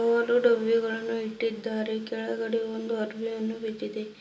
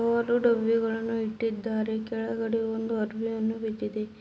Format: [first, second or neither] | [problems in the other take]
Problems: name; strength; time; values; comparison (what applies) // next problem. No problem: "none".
second | room echo; dies away in 0.2 s